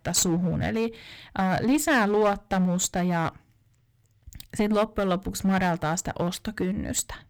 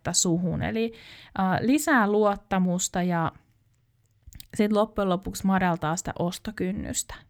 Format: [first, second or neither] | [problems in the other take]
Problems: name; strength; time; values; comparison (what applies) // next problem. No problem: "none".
second | distortion; slight; 8% of the sound clipped